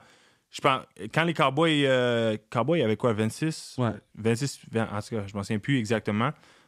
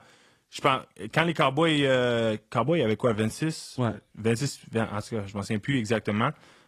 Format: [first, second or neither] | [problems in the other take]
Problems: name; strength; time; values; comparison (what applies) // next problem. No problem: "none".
first | garbled, watery; slightly